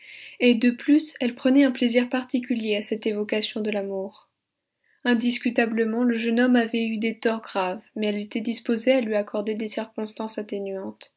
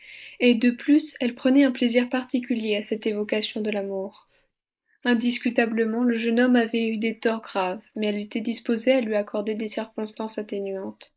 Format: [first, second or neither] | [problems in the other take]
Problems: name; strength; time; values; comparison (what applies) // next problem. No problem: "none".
first | noise reduction (neural mask model Resemble Enhance denoiser)